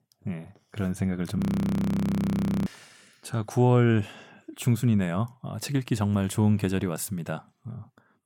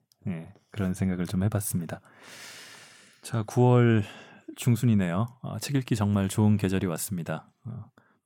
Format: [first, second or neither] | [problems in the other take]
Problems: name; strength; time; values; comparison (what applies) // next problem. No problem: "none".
second | audio freezing; at 1.5 s for 1.5 s